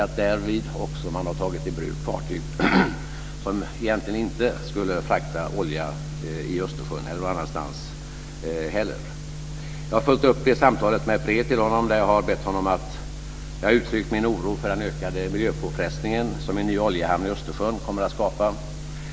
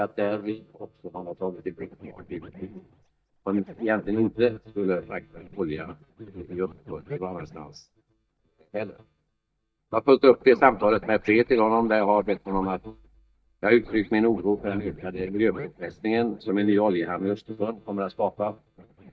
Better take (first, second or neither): first